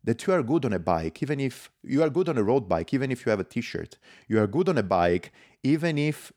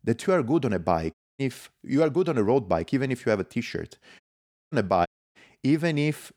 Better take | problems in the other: first | audio cutting out; at 1 s, at 4 s for 0.5 s and at 5 s

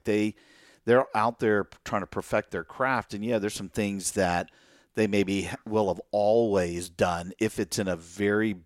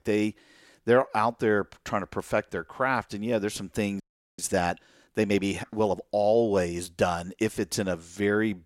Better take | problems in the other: first | audio freezing; at 4 s

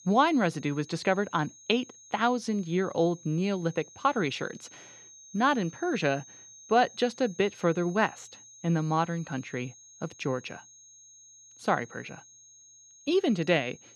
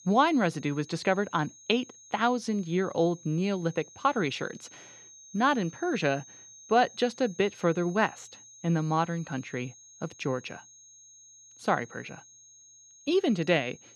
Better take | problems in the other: neither | high-pitched whine; faint; throughout; 6.5 kHz, 20 dB below the speech; the same in both

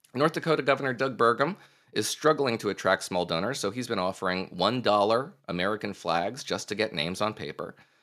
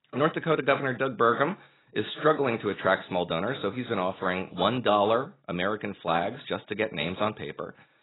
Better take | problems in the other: first | garbled, watery; badly; nothing above 4 kHz

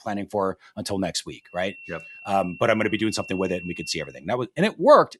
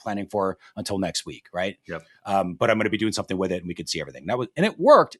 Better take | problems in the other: second | high-pitched whine; noticeable; from 1.5 to 4 s; 2.5 kHz, 15 dB below the speech

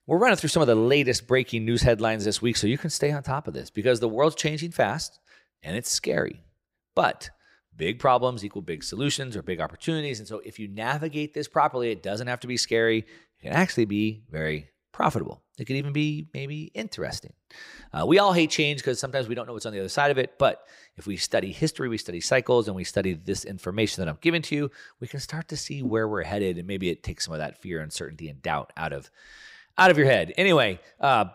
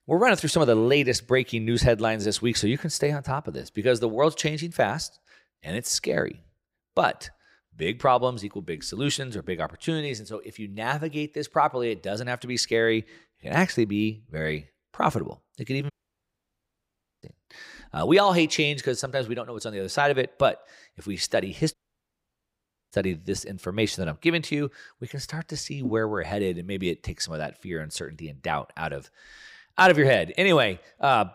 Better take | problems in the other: first | audio cutting out; at 16 s for 1.5 s and at 22 s for 1 s

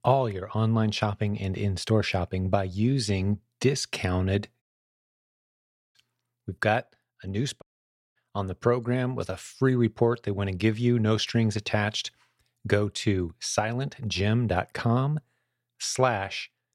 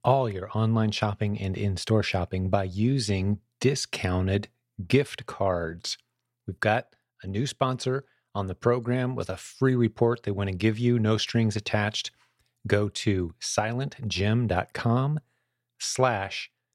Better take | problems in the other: second | audio cutting out; at 4.5 s for 1.5 s and at 7.5 s for 0.5 s

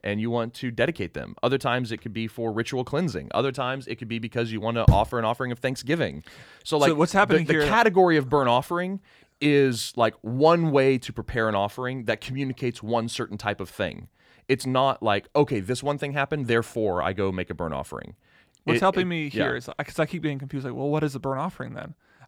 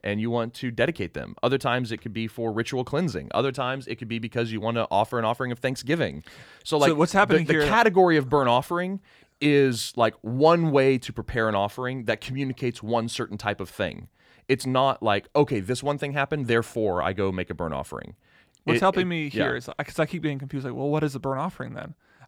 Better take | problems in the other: second | door banging; loud; at 5 s; peak 3 dB above the speech

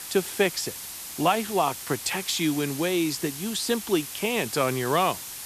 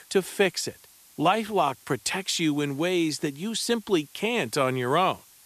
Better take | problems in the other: second | hiss; loud; throughout; 9 dB below the speech; faint in the second

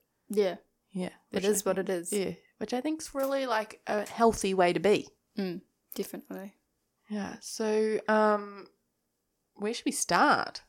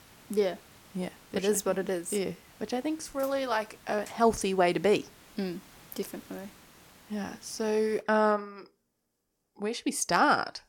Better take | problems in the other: first | hiss; faint; until 8 s; 25 dB below the speech

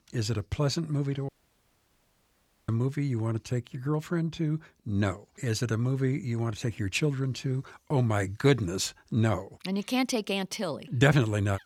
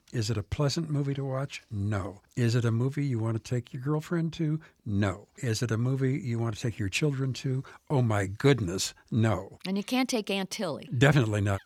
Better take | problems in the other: second | audio cutting out; at 1.5 s for 1.5 s

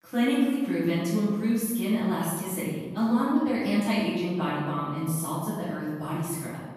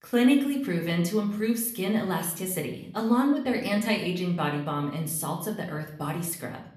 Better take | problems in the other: second | room echo; strong; dies away in 1.3 s; slight in the second // off-mic speech; far; somewhat distant in the second

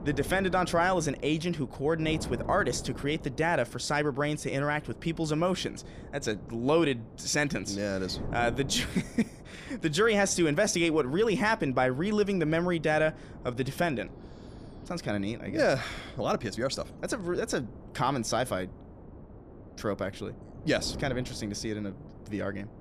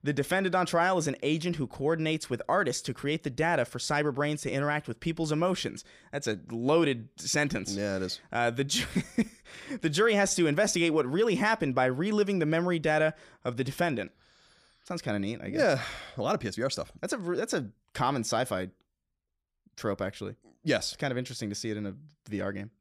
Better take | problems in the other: second | wind noise on the microphone; occasional gusts; 20 dB below the speech

